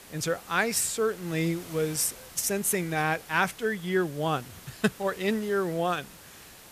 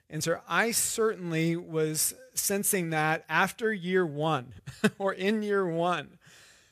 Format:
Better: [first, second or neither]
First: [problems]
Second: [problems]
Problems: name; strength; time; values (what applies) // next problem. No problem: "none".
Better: second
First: hiss; noticeable; throughout; 20 dB below the speech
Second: none